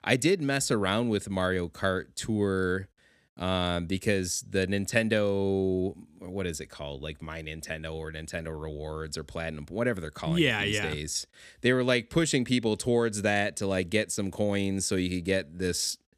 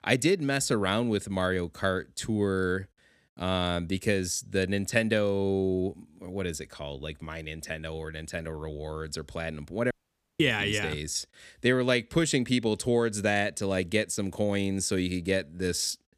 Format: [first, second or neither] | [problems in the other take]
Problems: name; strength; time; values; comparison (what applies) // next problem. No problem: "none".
first | audio cutting out; at 10 s